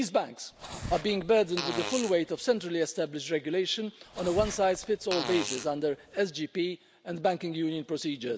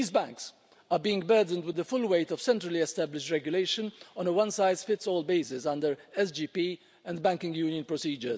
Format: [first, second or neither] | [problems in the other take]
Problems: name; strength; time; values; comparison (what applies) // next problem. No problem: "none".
second | background sound (Fart); 9 dB below the speech